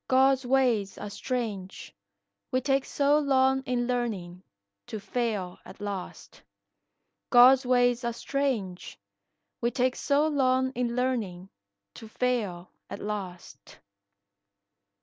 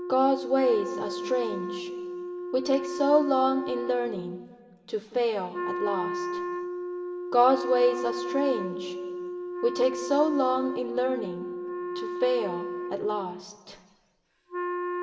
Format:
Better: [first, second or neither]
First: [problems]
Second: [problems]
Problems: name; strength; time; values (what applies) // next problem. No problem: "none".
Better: first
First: none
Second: background sound (Wind instrument, woodwind instrument); 6 dB below the speech // room echo; dies away in 1.6 s